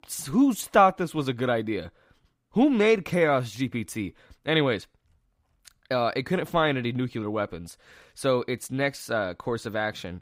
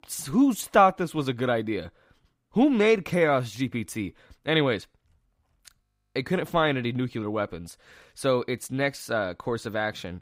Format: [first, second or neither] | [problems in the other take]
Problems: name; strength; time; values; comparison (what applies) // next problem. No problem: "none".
first | audio freezing; at 6 s